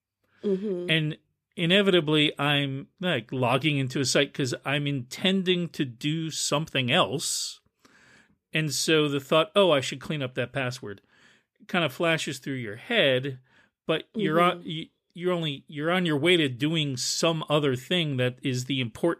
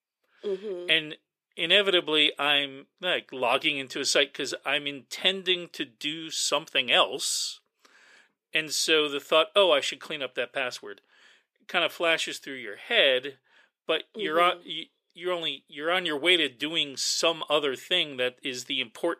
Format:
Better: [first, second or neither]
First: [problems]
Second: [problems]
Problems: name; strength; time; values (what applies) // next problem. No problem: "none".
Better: first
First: none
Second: thin; somewhat; fading below 500 Hz